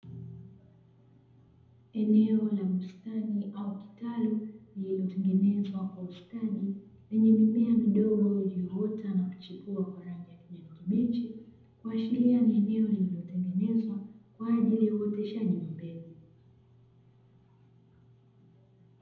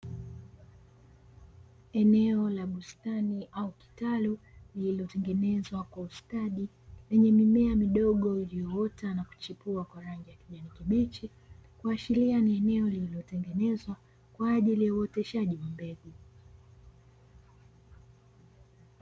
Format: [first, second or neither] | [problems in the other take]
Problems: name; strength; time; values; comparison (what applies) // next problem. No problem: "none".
second | room echo; dies away in 0.8 s